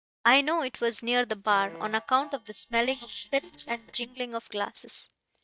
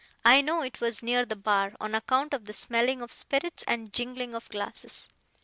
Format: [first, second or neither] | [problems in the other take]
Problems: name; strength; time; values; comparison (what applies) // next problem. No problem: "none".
second | noise reduction (neural mask model DeepFilterNet 3)